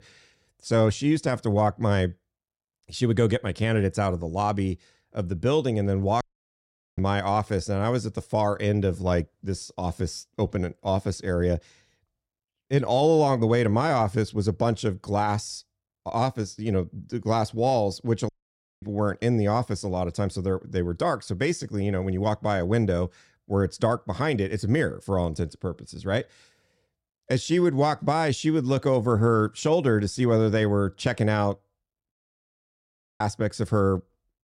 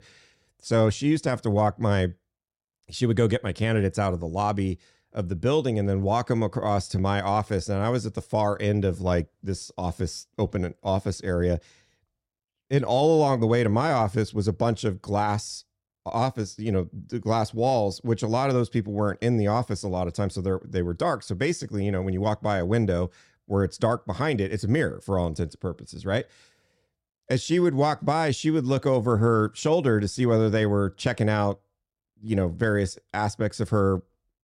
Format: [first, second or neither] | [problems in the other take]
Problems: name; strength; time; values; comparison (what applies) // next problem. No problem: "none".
second | audio cutting out; at 6 s for 1 s, at 18 s for 0.5 s and at 32 s for 1 s